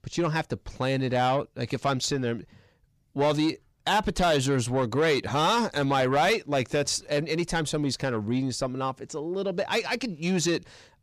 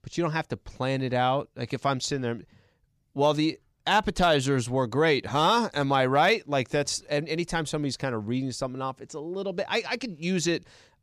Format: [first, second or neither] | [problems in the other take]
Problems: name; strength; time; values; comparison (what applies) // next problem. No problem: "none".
second | distortion; slight; 10 dB below the speech